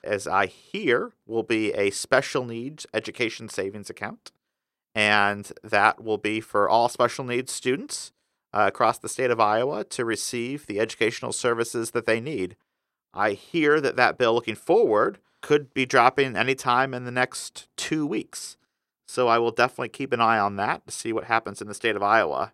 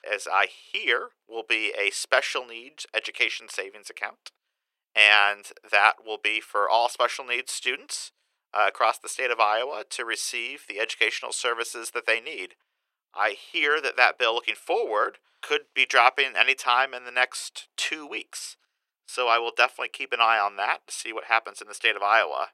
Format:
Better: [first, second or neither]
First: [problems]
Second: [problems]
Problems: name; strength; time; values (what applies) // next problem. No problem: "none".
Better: first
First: none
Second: thin; very; fading below 550 Hz